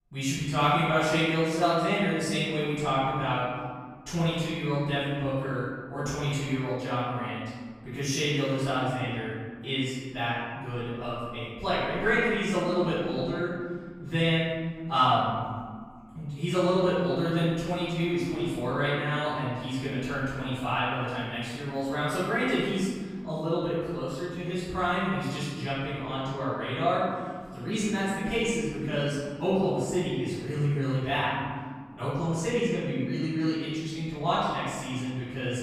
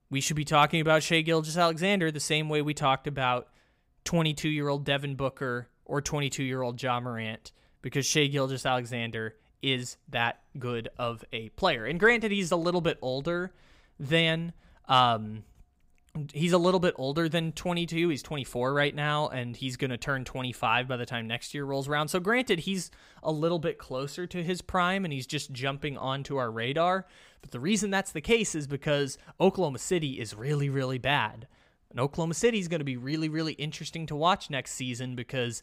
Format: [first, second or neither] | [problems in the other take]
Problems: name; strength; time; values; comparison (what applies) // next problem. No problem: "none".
second | room echo; strong; dies away in 1.8 s // off-mic speech; far